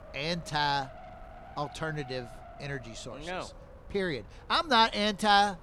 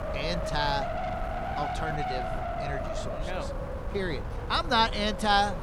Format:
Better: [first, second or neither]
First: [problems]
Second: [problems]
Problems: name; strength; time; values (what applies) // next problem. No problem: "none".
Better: first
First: wind noise on the microphone; occasional gusts; 20 dB below the speech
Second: wind noise on the microphone; heavy; 6 dB below the speech